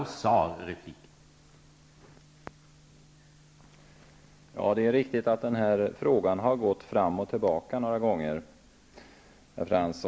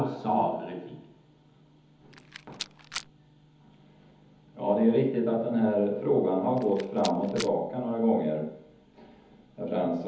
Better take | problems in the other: first | background sound (Rattle); 13 dB below the speech // room echo; dies away in 1.3 s

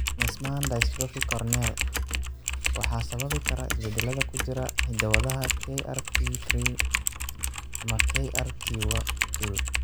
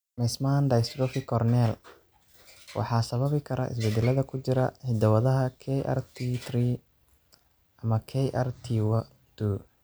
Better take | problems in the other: second | background sound (Typing); 4 dB above the speech

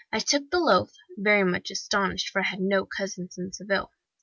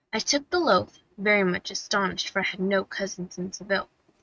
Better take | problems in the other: first | noise reduction (neural mask model RNNoise)

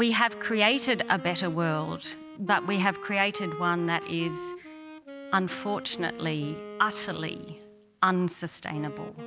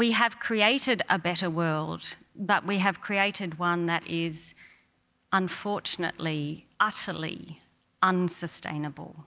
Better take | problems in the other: second | background sound (Wind instrument, woodwind instrument); 12 dB below the speech

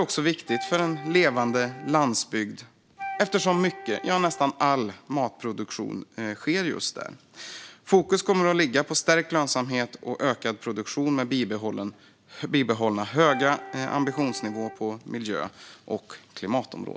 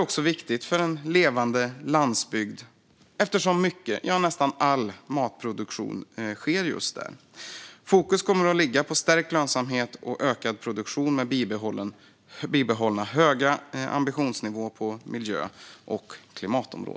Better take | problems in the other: second | background sound (Wind instrument, woodwind instrument); 14 dB below the speech

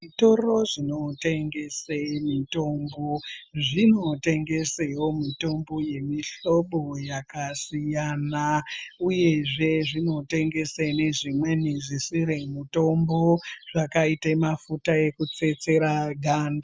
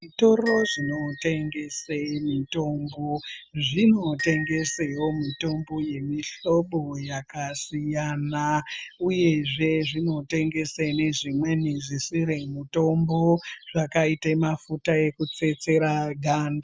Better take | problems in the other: first | background sound (Glockenspiel); 14 dB below the speech

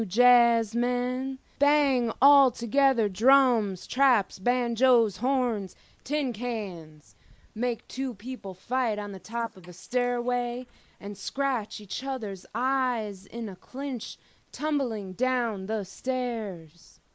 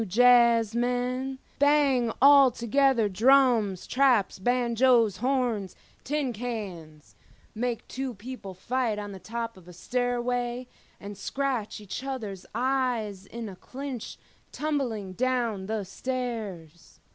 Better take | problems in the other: second | noise reduction (neural mask model Resemble Enhance denoiser)

